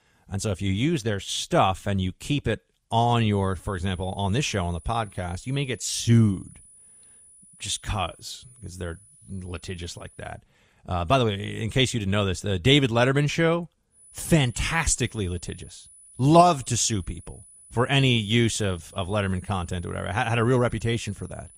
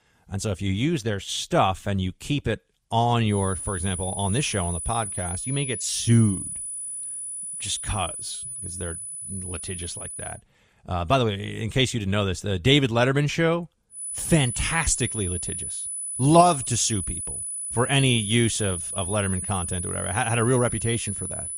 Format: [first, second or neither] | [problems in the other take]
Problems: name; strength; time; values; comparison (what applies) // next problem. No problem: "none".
first | high-pitched whine; loud; from 3.5 to 10 s and from 14 s on; 10 kHz, 6 dB below the speech; faint in the first